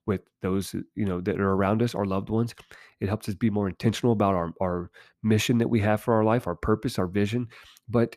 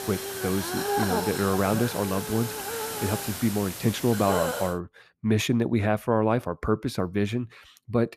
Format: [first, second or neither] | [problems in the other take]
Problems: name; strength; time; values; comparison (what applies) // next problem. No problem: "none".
first | hiss; loud; until 4.5 s; 4 dB below the speech